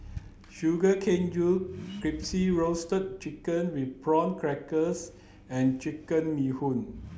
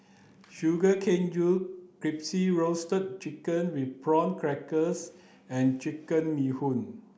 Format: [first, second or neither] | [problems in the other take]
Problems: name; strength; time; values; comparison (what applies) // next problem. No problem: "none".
second | background sound (Accelerating, revving, vroom); 17 dB below the speech